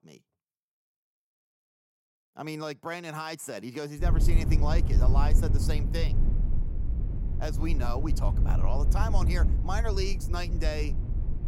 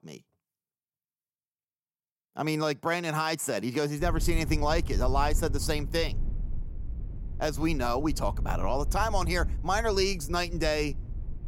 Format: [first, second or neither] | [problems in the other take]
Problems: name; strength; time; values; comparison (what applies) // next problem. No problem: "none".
second | low rumble; loud; from 4 s on; 8 dB below the speech; faint in the second